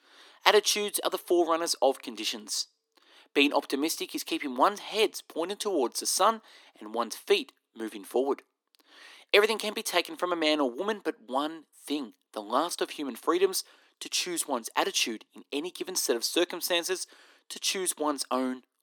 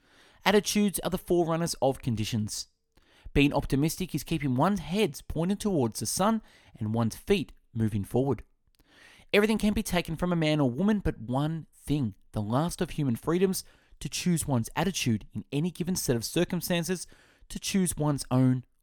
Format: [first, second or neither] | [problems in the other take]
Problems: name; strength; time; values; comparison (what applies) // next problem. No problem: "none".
second | thin; somewhat; fading below 300 Hz